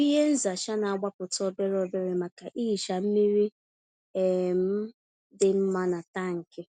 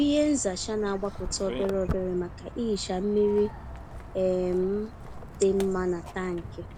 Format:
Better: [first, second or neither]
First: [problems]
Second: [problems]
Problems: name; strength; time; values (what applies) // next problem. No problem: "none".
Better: first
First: none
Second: background sound (Walk, footsteps); 11 dB below the speech